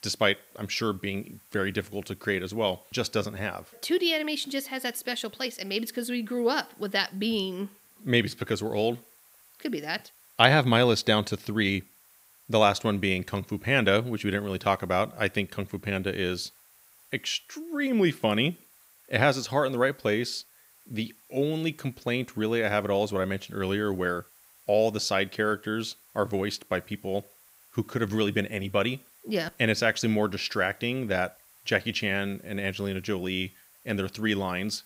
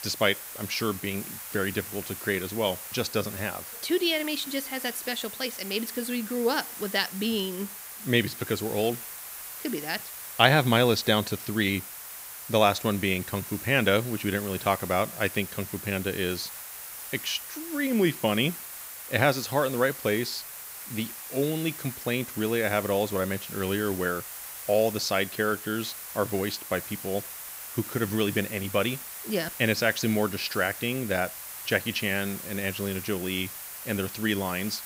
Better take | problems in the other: first | hiss; loud; throughout; 9 dB below the speech; faint in the first

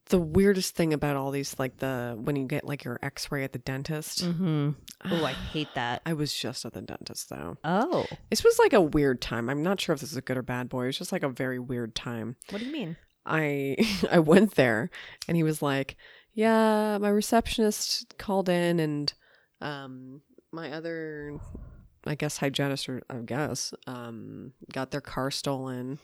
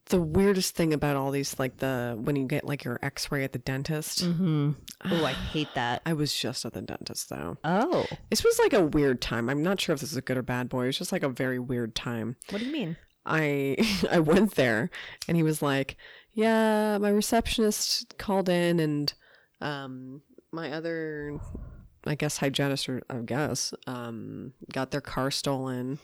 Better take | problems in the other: first | distortion; slight; 10 dB below the speech

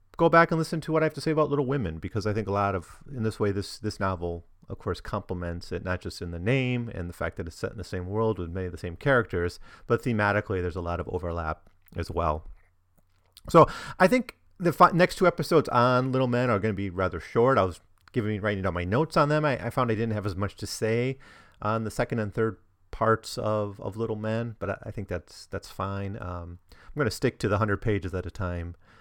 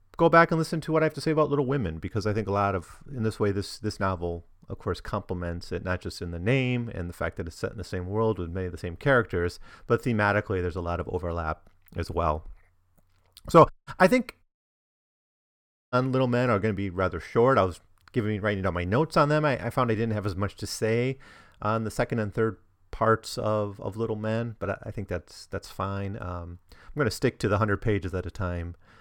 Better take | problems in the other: first | audio cutting out; at 14 s for 1.5 s

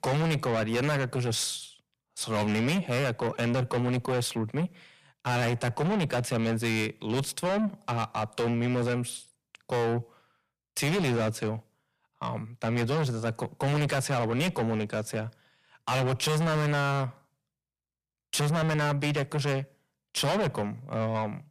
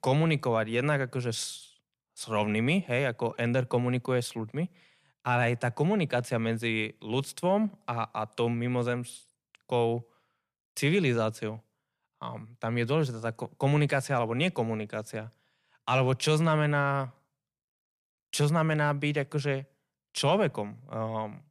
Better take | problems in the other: second | distortion; heavy; 7 dB below the speech

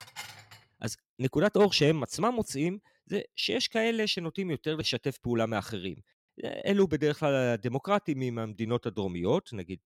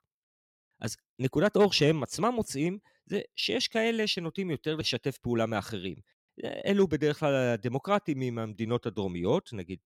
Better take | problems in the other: second | clattering dishes; faint; at the start; peak 15 dB below the speech

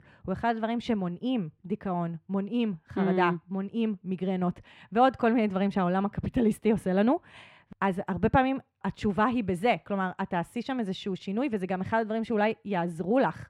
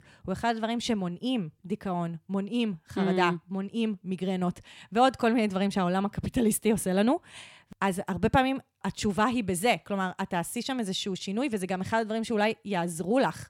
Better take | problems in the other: second | muffled; slightly; fading above 4 kHz

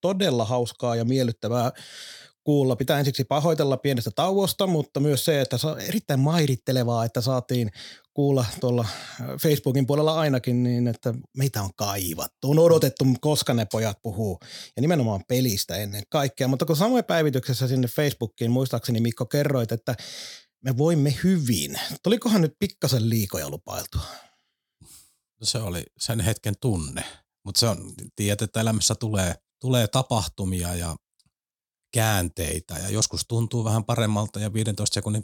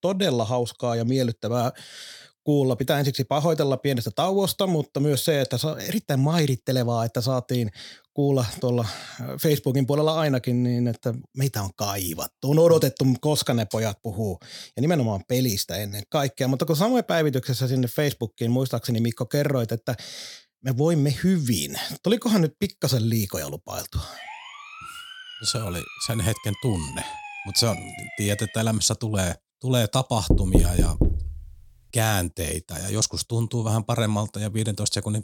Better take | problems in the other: first | siren; faint; from 24 to 29 s; peak 10 dB below the speech // door banging; loud; from 30 to 31 s; peak 3 dB above the speech

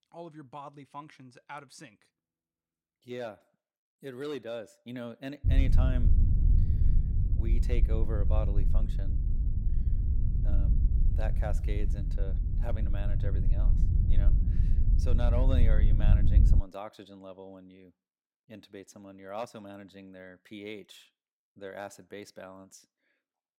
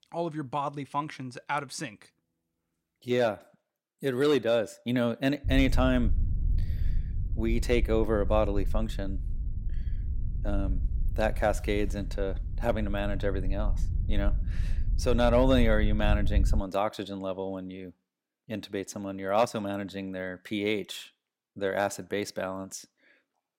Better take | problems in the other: second | low rumble; loud; from 5.5 to 17 s; 4 dB below the speech; faint in the second

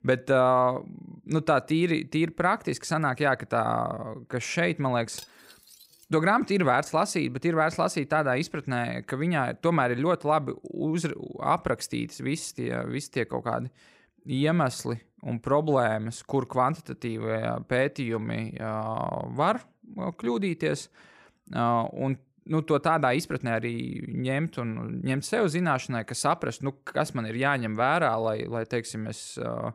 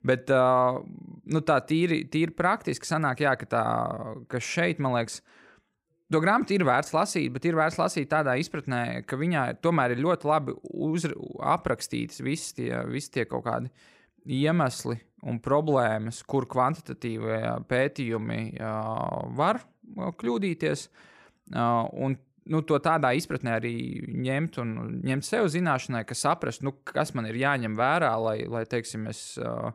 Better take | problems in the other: second | clattering dishes; faint; at 5 s; peak 15 dB below the speech

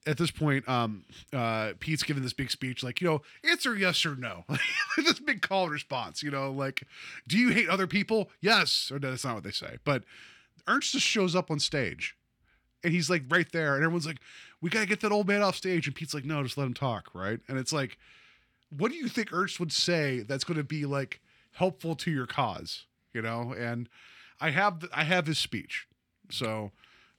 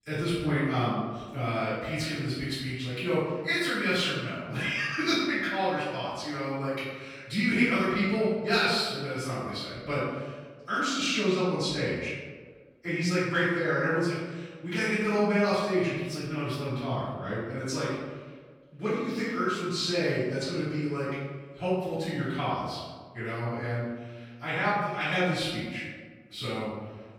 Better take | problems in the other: first | off-mic speech; far // room echo; strong; dies away in 1.3 s

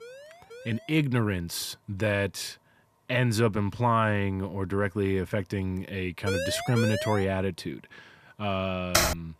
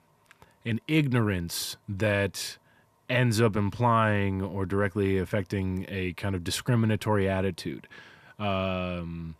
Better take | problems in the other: second | siren; faint; at the start; peak 20 dB below the speech // siren; noticeable; at 6.5 s; peak 2 dB below the speech // keyboard typing; loud; at 9 s; peak 4 dB above the speech

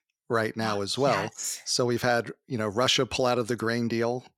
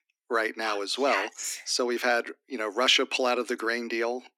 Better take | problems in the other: first | thin; very slightly; fading below 250 Hz

